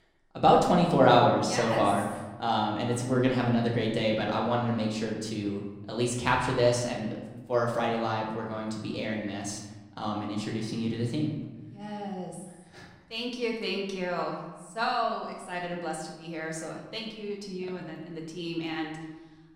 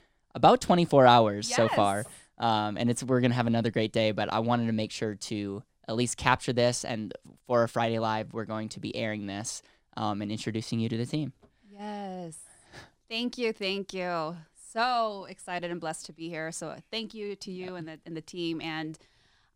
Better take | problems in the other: second | room echo; noticeable; dies away in 1 s // off-mic speech; somewhat distant

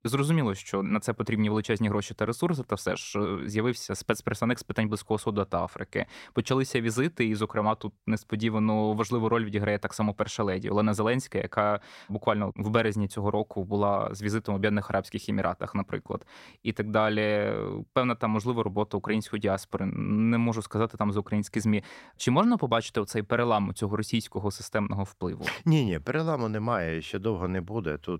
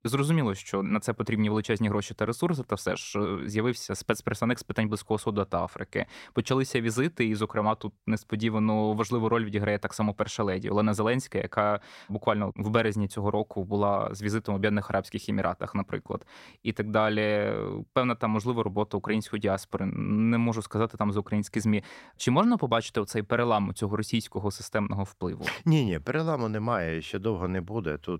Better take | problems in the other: neither | none

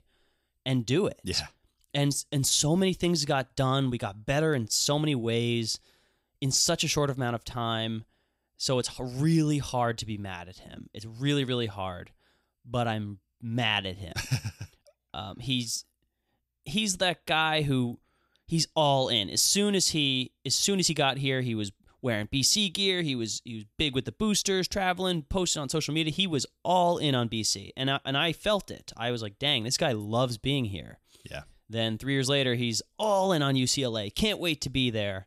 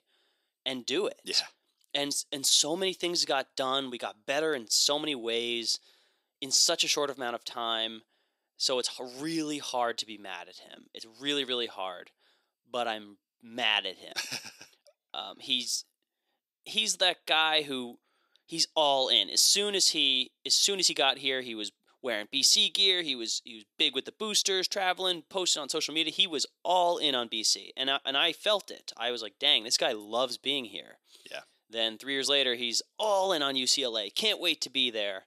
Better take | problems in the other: first | thin; somewhat; fading below 350 Hz

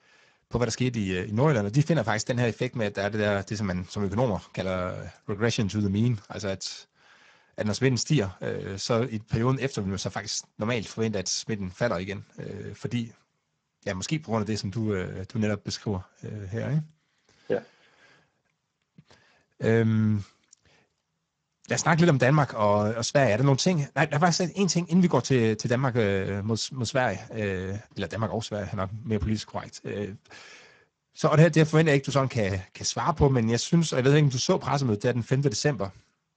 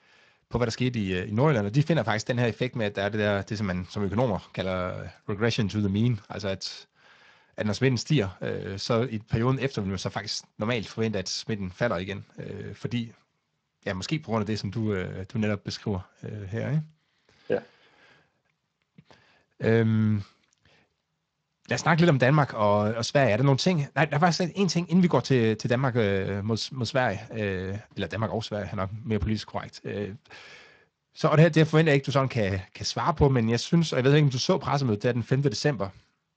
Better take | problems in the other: second | garbled, watery; badly; nothing above 7.5 kHz; slightly in the second

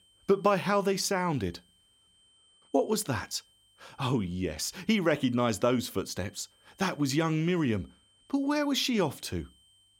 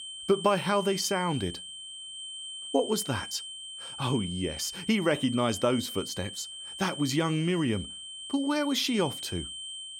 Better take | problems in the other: first | high-pitched whine; loud; throughout; 3 kHz, 9 dB below the speech; faint in the first

